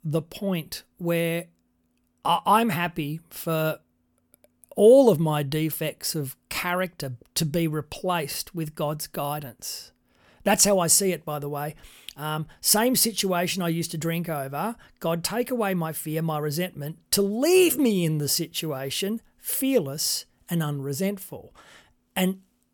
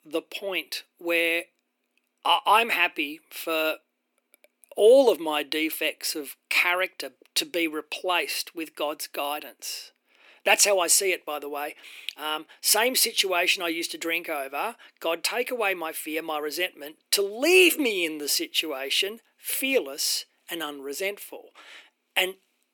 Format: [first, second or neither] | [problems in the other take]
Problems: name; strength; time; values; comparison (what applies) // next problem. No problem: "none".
first | thin; somewhat; fading below 300 Hz